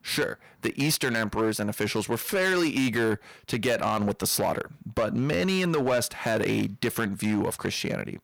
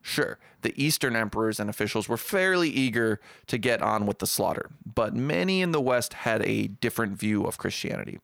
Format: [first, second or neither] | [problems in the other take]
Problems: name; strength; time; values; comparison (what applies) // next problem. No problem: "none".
second | distortion; slight; 8% of the sound clipped